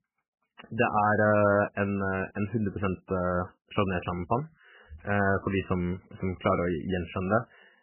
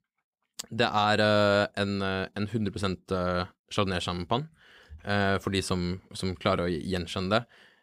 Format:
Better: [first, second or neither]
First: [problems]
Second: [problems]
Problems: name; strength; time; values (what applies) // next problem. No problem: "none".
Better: second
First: garbled, watery; badly; nothing above 3 kHz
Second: none